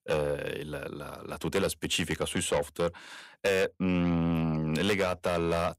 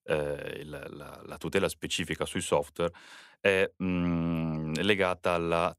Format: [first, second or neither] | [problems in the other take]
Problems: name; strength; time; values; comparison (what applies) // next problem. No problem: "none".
second | distortion; heavy; 8 dB below the speech